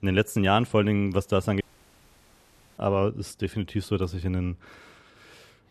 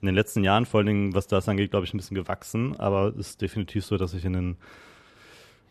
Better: second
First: audio cutting out; at 1.5 s for 1 s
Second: none

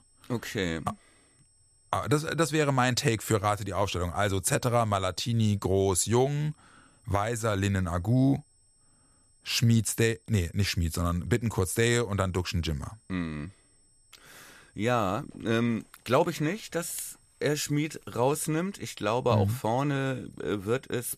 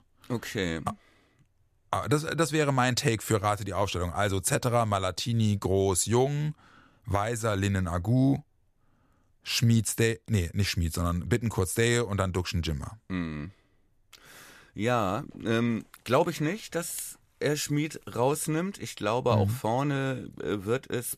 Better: second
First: high-pitched whine; faint; throughout; 8 kHz, 35 dB below the speech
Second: none

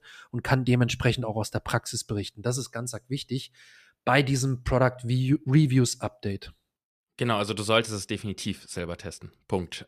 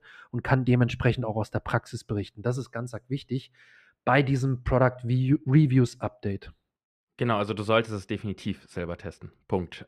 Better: first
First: none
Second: muffled; slightly; fading above 3.5 kHz

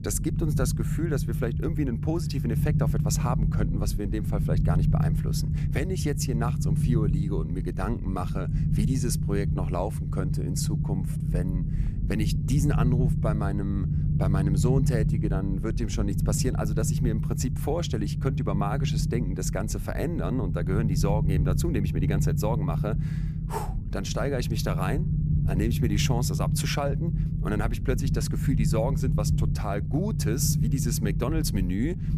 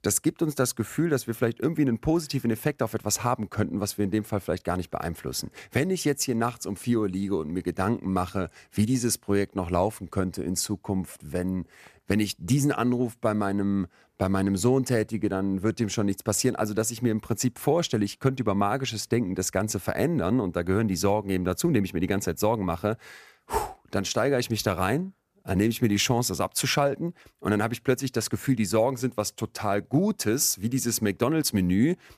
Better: second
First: low rumble; loud; throughout; 5 dB below the speech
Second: none

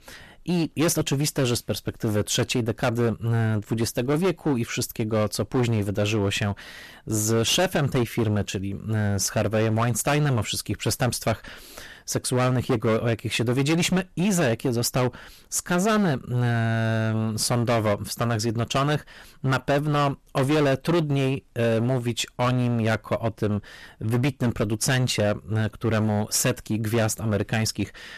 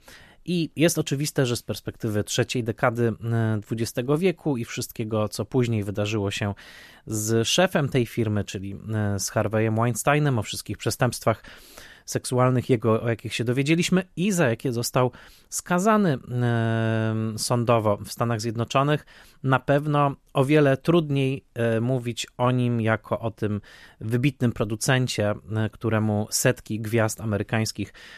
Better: second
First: distortion; heavy; 15% of the sound clipped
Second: none

